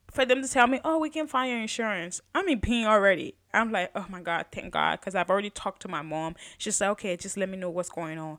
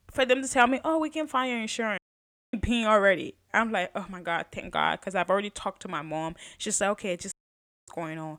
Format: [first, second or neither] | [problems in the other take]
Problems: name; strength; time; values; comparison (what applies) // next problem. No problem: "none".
first | audio cutting out; at 2 s for 0.5 s and at 7.5 s for 0.5 s